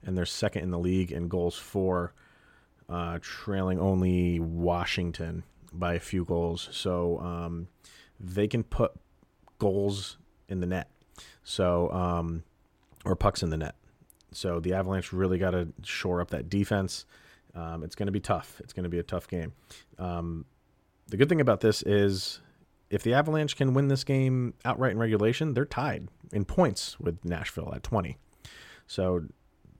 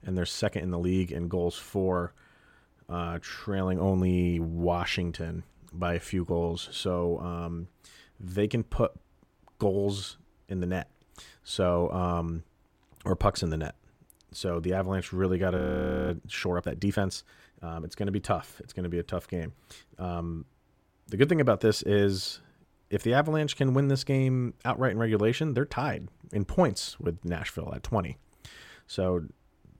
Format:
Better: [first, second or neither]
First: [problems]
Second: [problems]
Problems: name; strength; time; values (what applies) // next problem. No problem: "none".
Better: first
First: none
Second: audio freezing; at 16 s